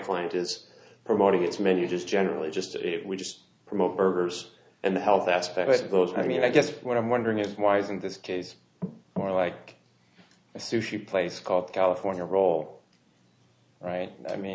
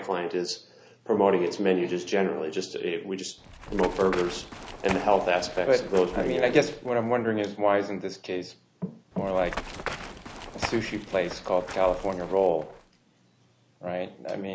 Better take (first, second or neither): first